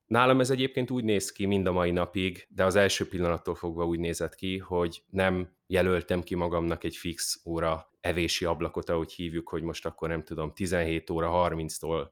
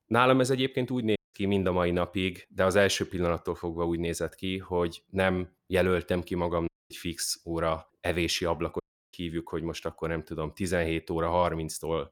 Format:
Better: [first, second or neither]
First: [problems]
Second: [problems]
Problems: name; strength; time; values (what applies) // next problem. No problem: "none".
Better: first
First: none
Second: audio cutting out; at 1 s, at 6.5 s and at 9 s